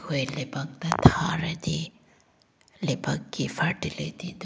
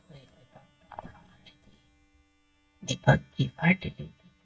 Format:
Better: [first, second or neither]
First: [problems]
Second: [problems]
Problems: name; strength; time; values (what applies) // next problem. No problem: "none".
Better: first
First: none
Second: noise reduction (neural mask model DeepFilterNet 3)